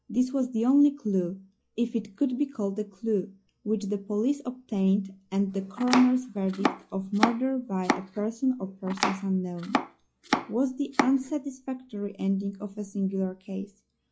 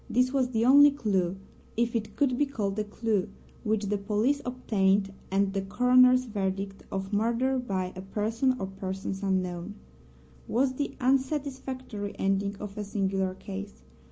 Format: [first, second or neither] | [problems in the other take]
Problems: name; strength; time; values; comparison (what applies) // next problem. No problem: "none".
second | noise reduction (classical method log-MMSE)